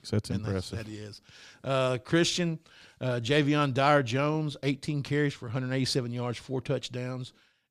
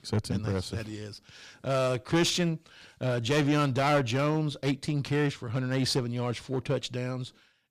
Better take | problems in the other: first | distortion; slight; 5% of the sound clipped

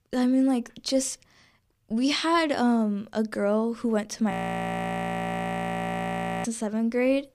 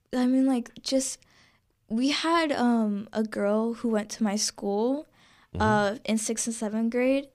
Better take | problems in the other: second | audio freezing; at 4.5 s for 2 s

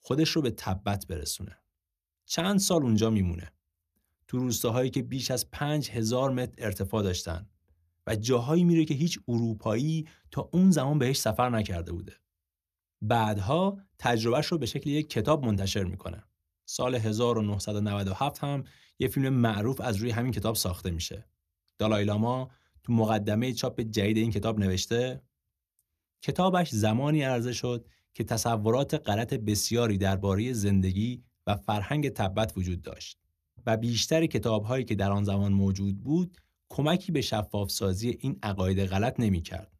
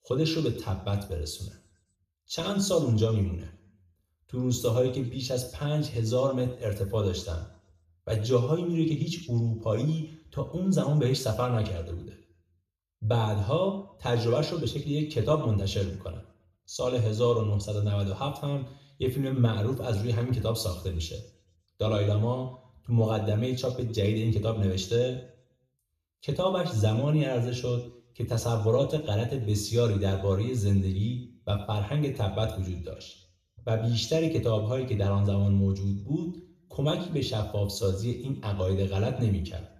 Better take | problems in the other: first | room echo; slight; dies away in 0.6 s // off-mic speech; somewhat distant

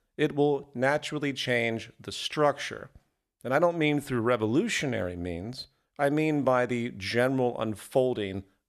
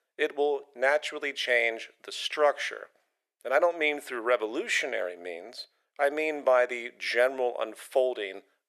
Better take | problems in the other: first | thin; very; fading below 400 Hz

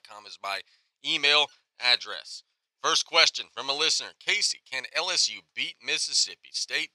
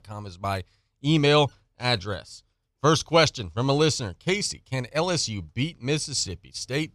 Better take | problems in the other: second | thin; very; fading below 700 Hz

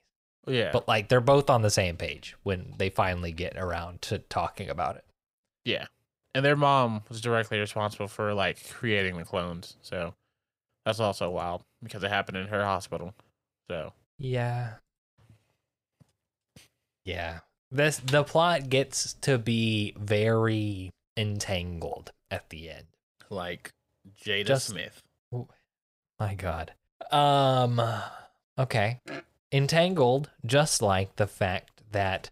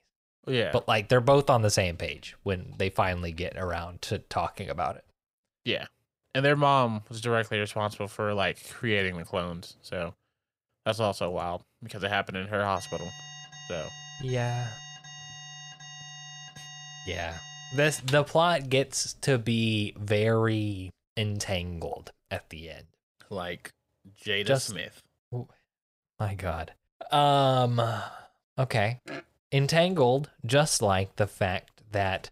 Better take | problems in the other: first | alarm; faint; from 13 to 18 s; peak 15 dB below the speech

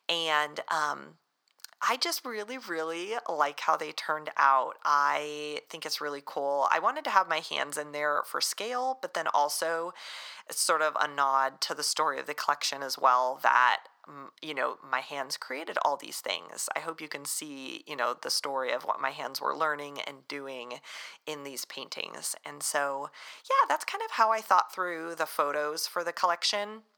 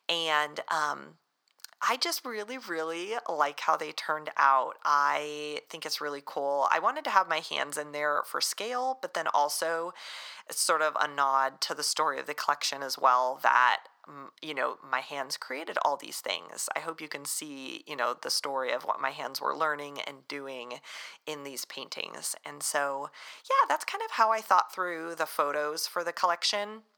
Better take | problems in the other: neither | thin; very; fading below 850 Hz; the same in both

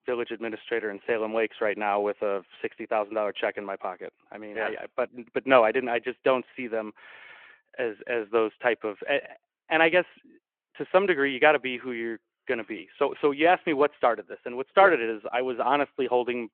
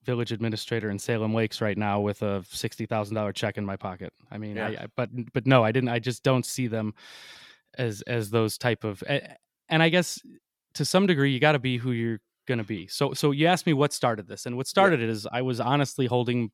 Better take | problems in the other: second | phone-call audio

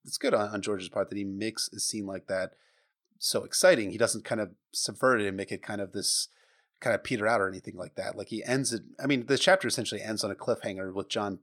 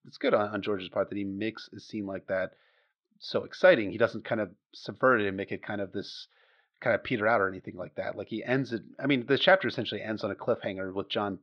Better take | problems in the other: first | muffled; very; fading above 3.5 kHz

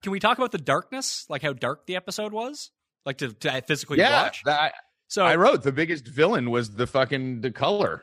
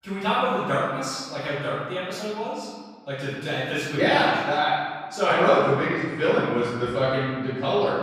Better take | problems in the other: first | off-mic speech; far // room echo; strong; dies away in 1.5 s

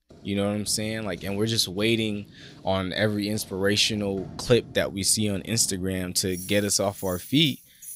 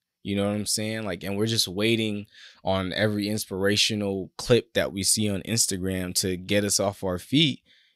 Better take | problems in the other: second | household noises; noticeable; throughout; 20 dB below the speech

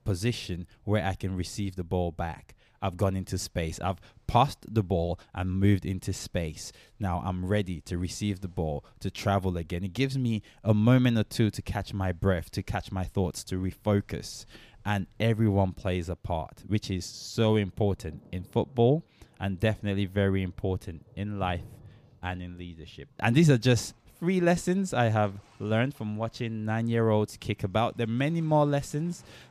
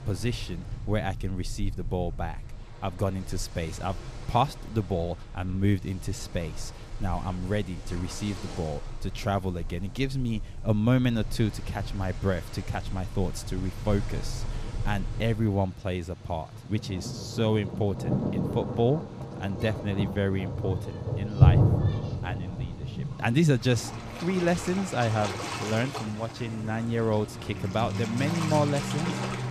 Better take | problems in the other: first | rain or running water; loud; throughout; 3 dB below the speech; faint in the first

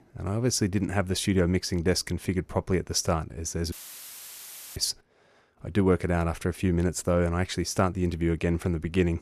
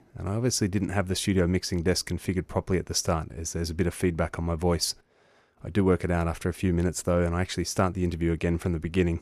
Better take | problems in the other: second | audio cutting out; filled with static; at 3.5 s for 1 s

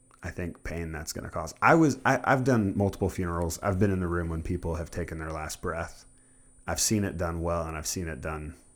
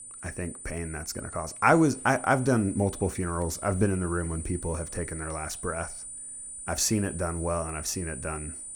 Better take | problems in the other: first | high-pitched whine; loud; throughout; 9 kHz, 10 dB below the speech; faint in the first

